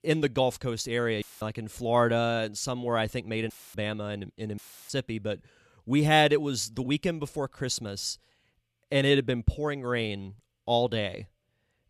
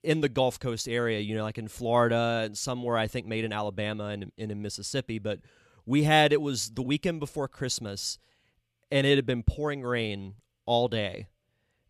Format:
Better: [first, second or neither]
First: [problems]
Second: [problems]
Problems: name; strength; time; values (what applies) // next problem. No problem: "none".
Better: second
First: audio cutting out; filled with static; at 1 s, at 3.5 s and at 4.5 s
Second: none